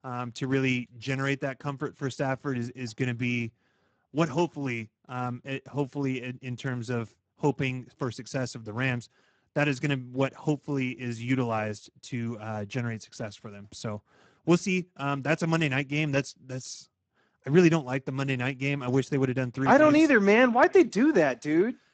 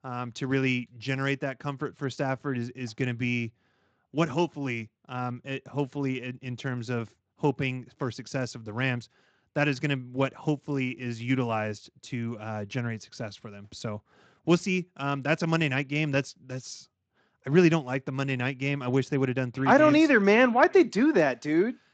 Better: second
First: garbled, watery; badly; nothing above 8 kHz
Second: garbled, watery; slightly; nothing above 7.5 kHz

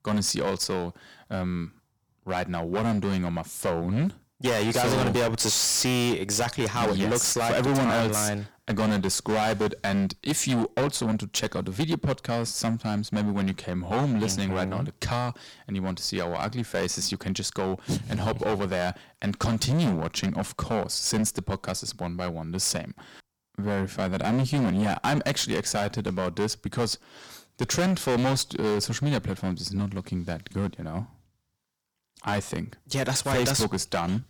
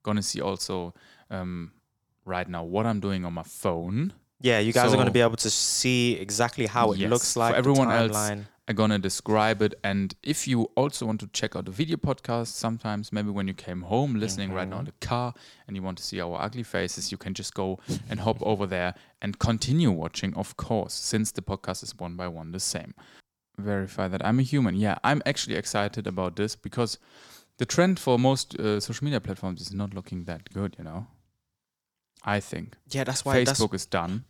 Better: second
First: distortion; heavy; 13% of the sound clipped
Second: none

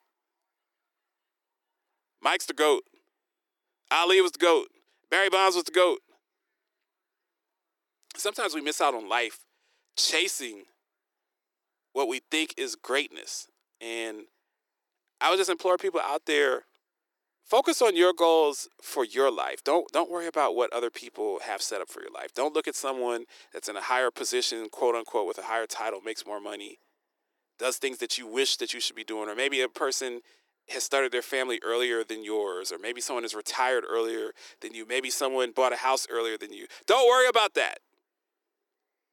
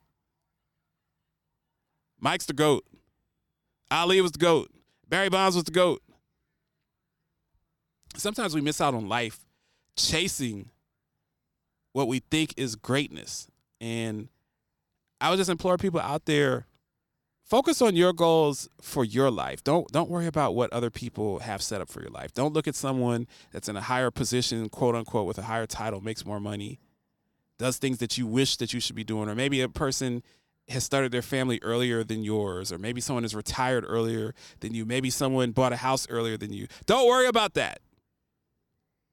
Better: second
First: thin; very; fading below 350 Hz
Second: none

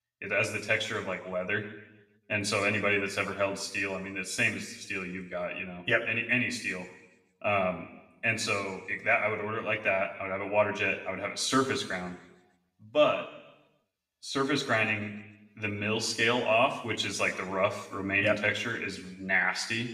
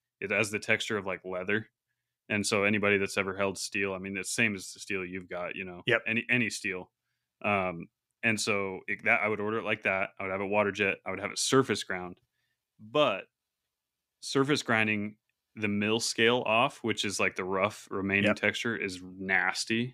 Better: second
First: room echo; slight; dies away in 0.8 s // off-mic speech; somewhat distant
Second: none

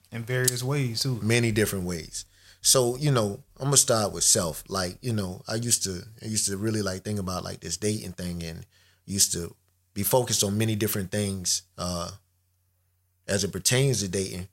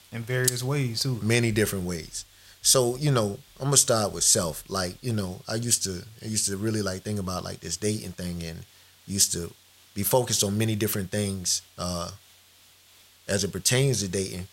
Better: first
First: none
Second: hiss; faint; throughout; 30 dB below the speech

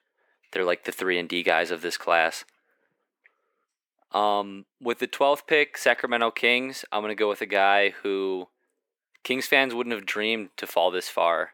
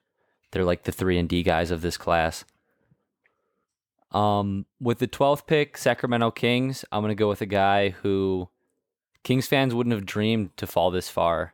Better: second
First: thin; somewhat; fading below 300 Hz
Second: none

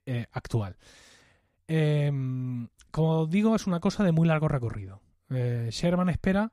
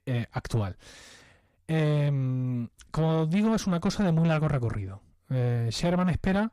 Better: first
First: none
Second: distortion; slight; 10 dB below the speech

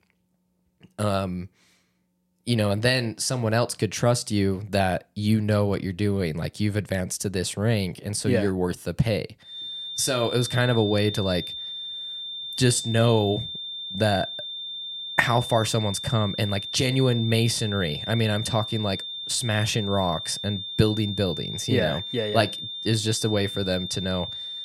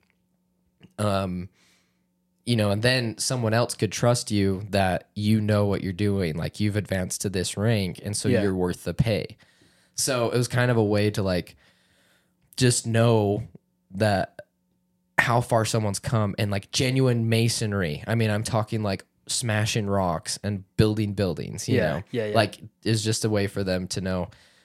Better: second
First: high-pitched whine; loud; from 9.5 s on; 3.5 kHz, 7 dB below the speech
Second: none

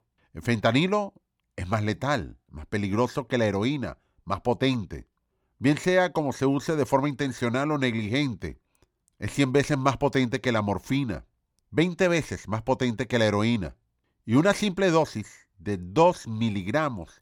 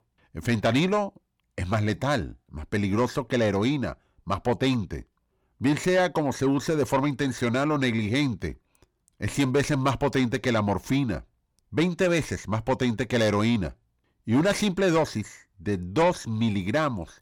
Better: first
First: none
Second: distortion; slight; 10 dB below the speech

